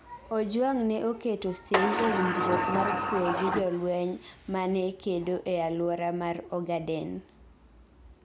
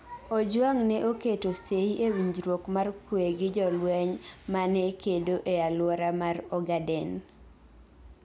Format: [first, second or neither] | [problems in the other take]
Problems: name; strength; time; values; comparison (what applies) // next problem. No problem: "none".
second | background sound (Sliding door); 1 dB above the speech